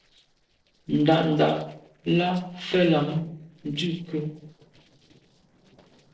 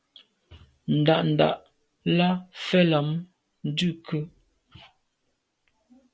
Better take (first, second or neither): second